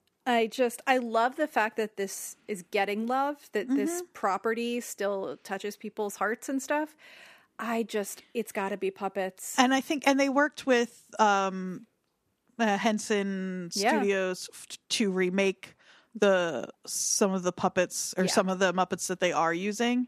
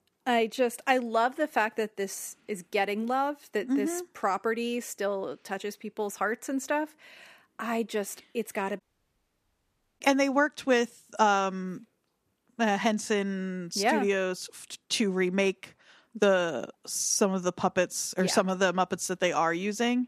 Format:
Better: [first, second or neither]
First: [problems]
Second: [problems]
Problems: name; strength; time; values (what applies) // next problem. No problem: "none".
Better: first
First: none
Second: audio cutting out; at 9 s for 1 s